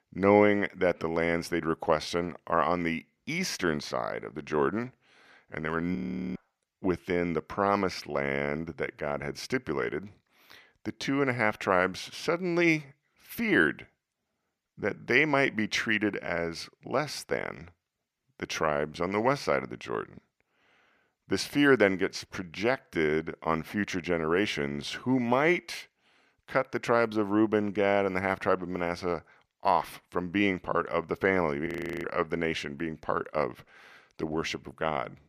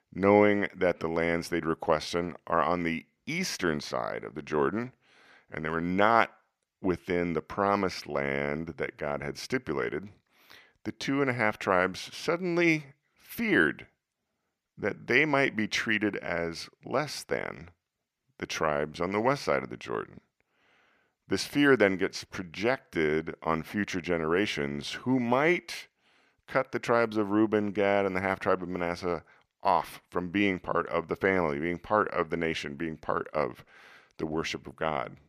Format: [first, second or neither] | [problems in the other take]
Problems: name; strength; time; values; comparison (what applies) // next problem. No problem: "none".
second | audio freezing; at 6 s and at 32 s